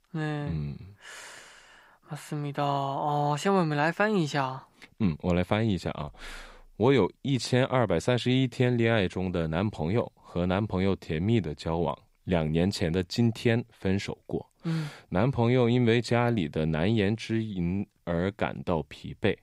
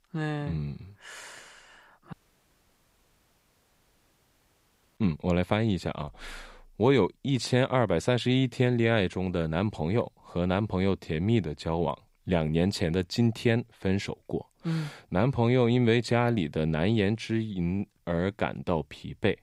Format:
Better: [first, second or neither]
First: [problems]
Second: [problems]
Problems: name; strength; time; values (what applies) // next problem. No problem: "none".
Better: first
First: none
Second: audio cutting out; at 2 s for 3 s